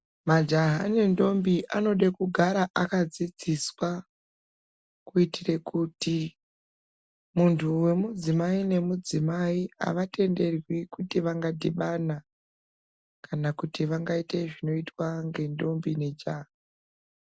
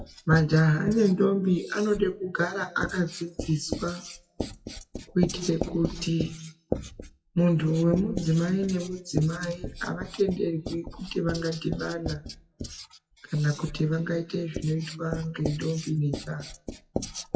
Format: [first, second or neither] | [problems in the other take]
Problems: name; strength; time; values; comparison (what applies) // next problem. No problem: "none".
first | noise reduction (classical method WPE with log-MMSE)